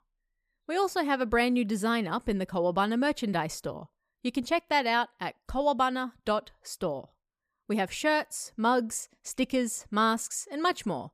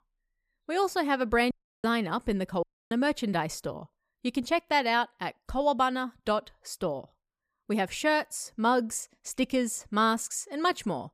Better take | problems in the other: first | audio cutting out; at 1.5 s and at 2.5 s

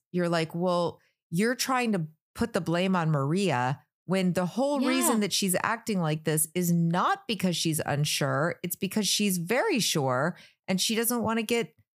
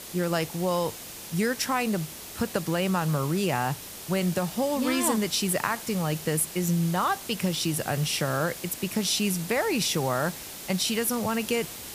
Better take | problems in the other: first | hiss; noticeable; throughout; 10 dB below the speech

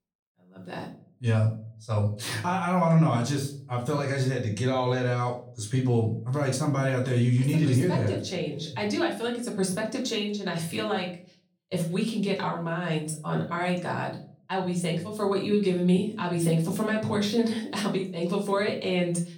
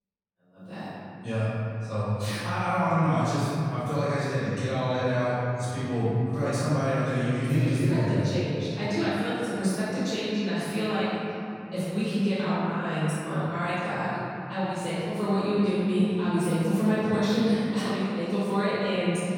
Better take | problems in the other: first | room echo; strong; dies away in 2.8 s; slight in the first // off-mic speech; far; far in the first

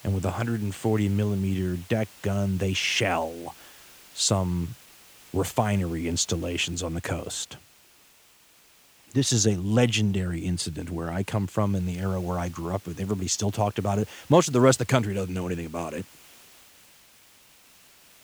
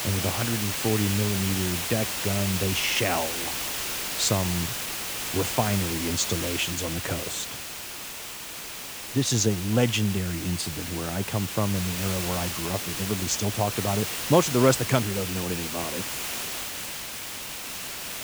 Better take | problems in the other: first | hiss; loud; throughout; 3 dB below the speech; faint in the first

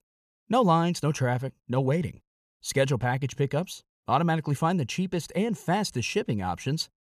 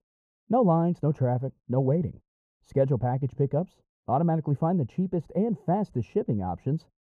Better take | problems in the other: first | muffled; very; fading above 1.5 kHz

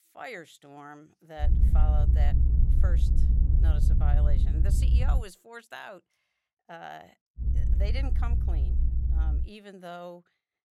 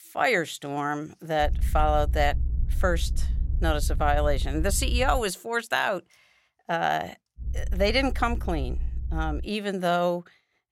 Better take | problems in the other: second | low rumble; loud; from 1.5 to 5 s and from 7.5 to 9.5 s; 3 dB below the speech; faint in the second

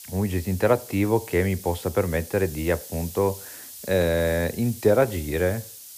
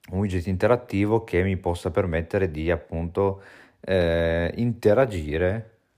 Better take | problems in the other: second | hiss; noticeable; throughout; 15 dB below the speech

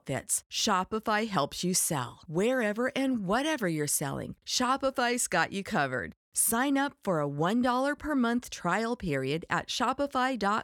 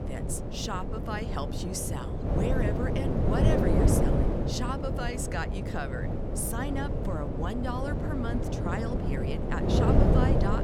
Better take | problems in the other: first | wind noise on the microphone; heavy; 2 dB above the speech

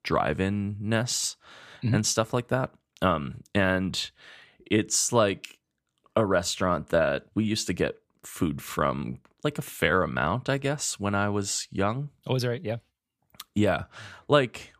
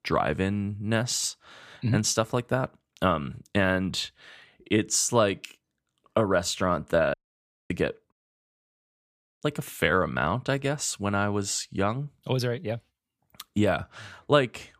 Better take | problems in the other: first | audio cutting out; at 7 s for 0.5 s and at 8 s for 1.5 s

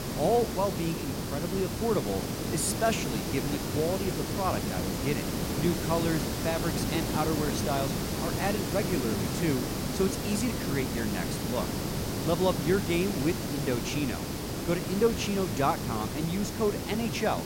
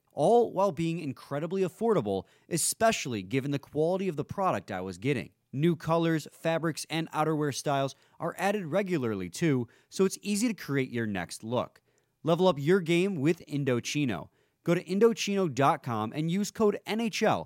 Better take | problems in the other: second | hiss; loud; throughout; 1 dB below the speech

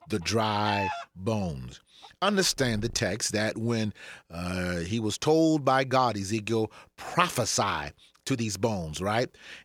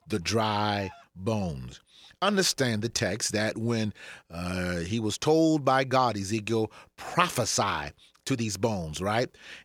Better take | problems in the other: second | animal sounds; loud; until 3.5 s; 9 dB below the speech; faint in the second

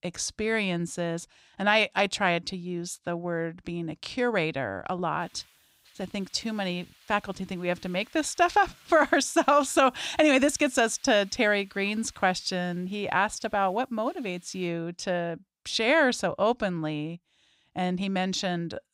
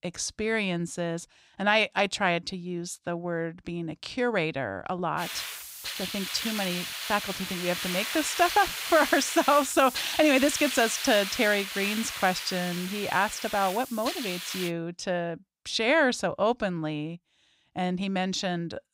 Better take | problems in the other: first | hiss; loud; from 5 to 15 s; 5 dB below the speech; faint in the first

